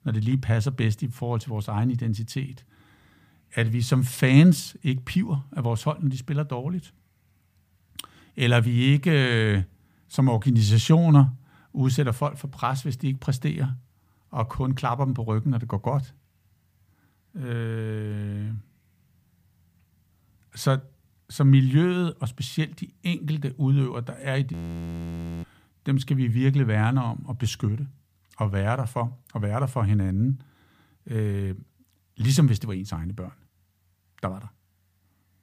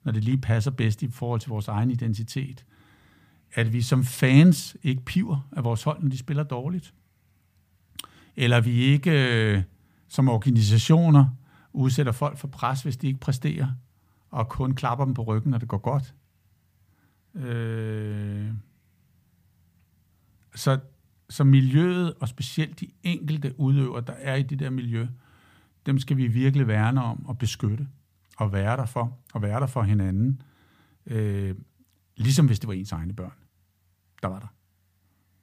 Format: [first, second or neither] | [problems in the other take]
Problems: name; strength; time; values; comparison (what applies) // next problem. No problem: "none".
second | audio freezing; at 25 s for 1 s